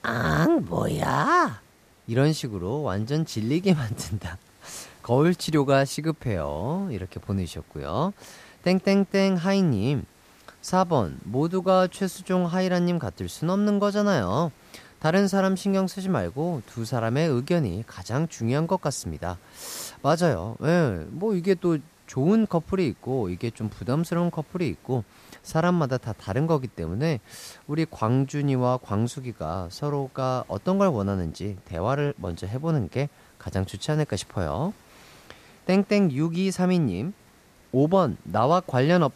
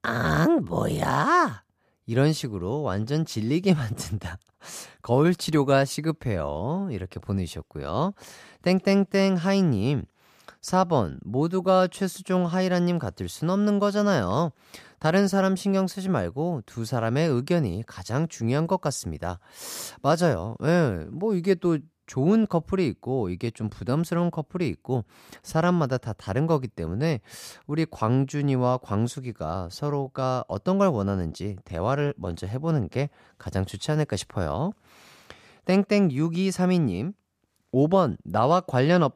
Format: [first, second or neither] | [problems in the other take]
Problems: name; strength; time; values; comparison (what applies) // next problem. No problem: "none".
second | hiss; faint; throughout; 30 dB below the speech